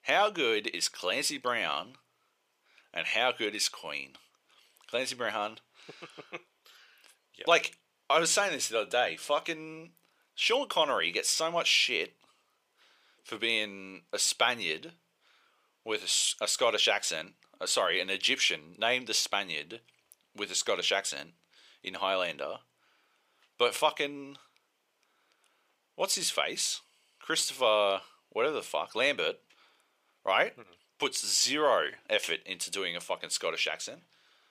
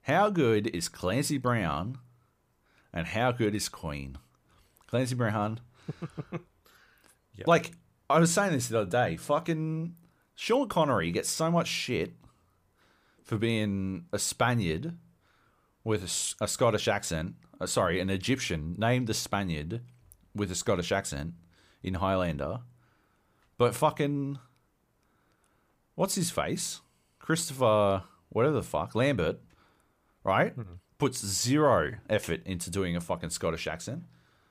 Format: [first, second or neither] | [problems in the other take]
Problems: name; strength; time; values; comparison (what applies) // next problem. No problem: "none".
second | thin; very; fading below 500 Hz